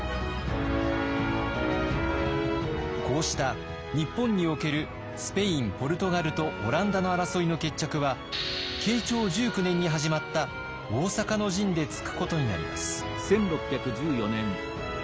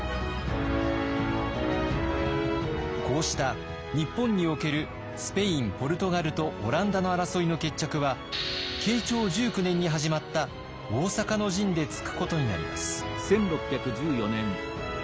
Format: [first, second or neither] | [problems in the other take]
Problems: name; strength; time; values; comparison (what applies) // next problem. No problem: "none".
second | background sound (Wind instrument, woodwind instrument); 12 dB below the speech